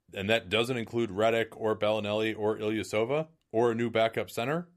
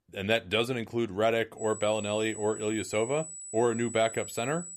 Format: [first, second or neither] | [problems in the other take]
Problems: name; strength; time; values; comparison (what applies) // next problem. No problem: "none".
first | high-pitched whine; noticeable; from 1.5 s on; 8 kHz, 10 dB below the speech